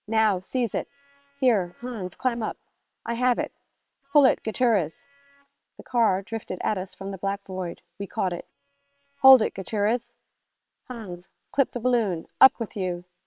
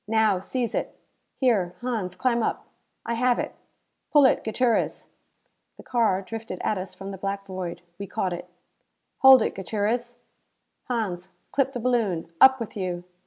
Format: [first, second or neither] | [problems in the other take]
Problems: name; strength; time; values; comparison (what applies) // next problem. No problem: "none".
second | noise reduction (neural separator model SepFormer WHAM!)